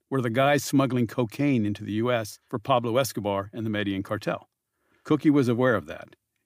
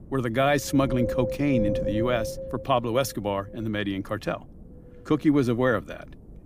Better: first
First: none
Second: wind noise on the microphone; heavy; 5 dB below the speech

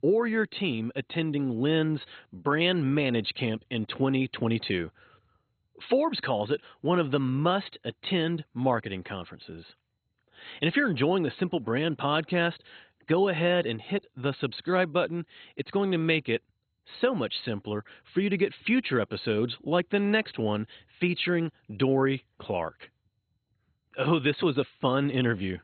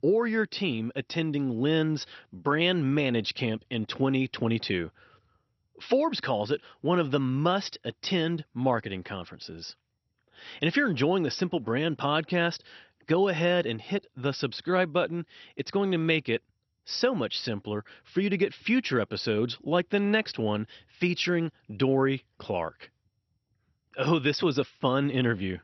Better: second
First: garbled, watery; badly; nothing above 4 kHz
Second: garbled, watery; slightly; nothing above 6 kHz

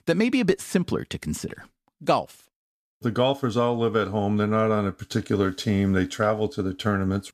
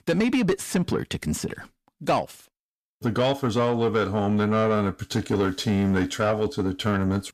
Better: first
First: none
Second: distortion; slight; 10 dB below the speech

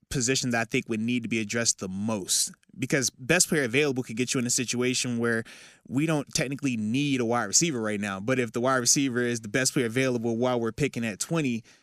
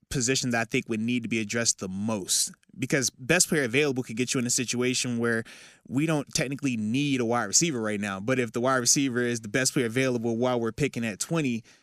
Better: neither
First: none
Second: none

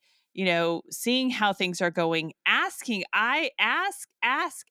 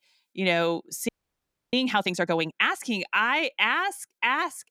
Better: first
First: none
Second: audio freezing; at 1 s for 0.5 s

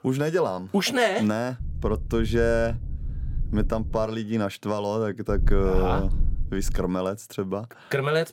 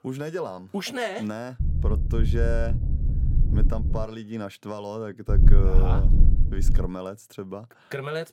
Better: first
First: low rumble; faint; from 1.5 to 4 s and from 5.5 to 7 s; 20 dB below the speech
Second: low rumble; loud; from 1.5 to 4 s and from 5.5 to 7 s; 7 dB below the speech

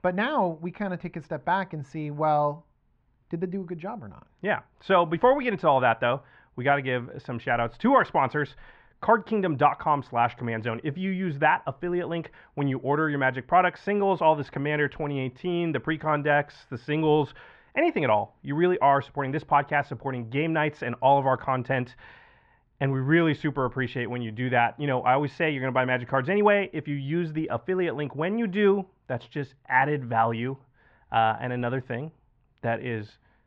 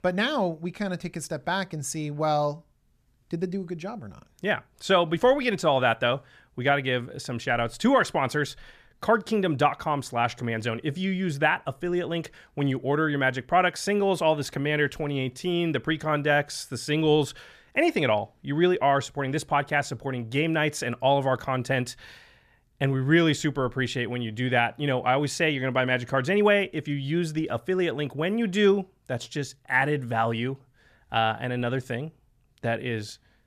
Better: second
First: muffled; very; fading above 2.5 kHz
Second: none

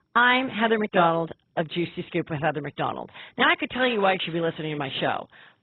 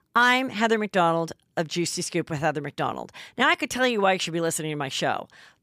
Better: second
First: garbled, watery; badly; nothing above 4 kHz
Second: none

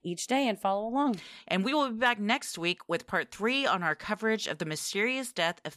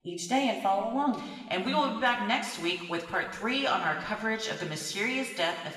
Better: first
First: none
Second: room echo; noticeable; dies away in 1.2 s // off-mic speech; somewhat distant

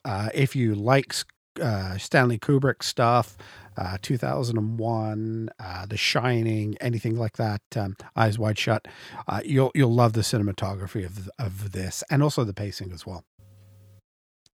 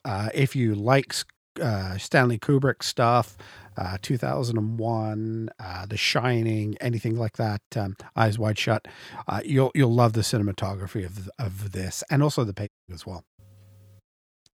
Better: first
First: none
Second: audio cutting out; at 13 s

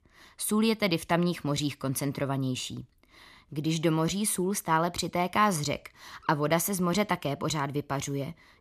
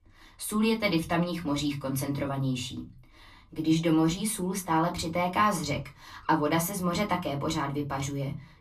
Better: first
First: none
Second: off-mic speech; far // room echo; very slight; dies away in 0.2 s

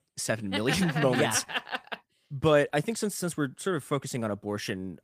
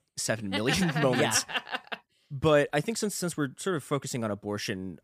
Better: second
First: garbled, watery; slightly; nothing above 15 kHz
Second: none

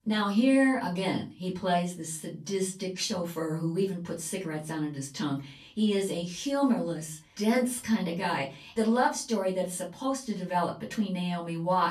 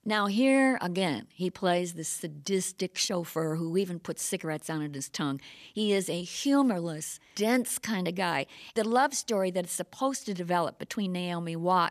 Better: second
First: off-mic speech; far // room echo; very slight; dies away in 0.3 s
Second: none

